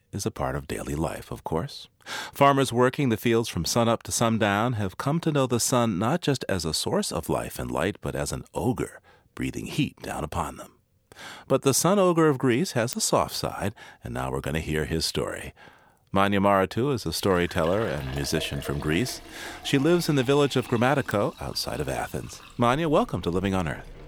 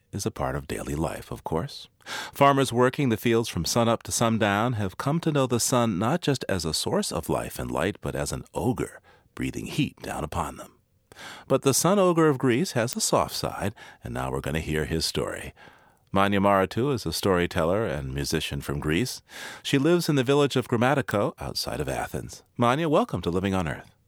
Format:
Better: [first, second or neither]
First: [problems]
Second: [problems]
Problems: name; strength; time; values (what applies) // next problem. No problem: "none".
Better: second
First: household noises; noticeable; from 17 s on; 20 dB below the speech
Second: none